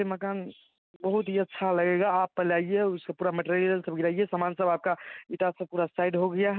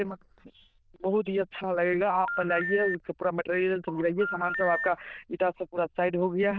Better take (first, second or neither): first